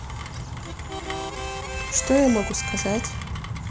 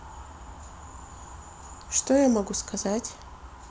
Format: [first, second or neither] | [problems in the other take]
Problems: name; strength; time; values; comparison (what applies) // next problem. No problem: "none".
second | background sound (Rain + Harmonica); 5 dB below the speech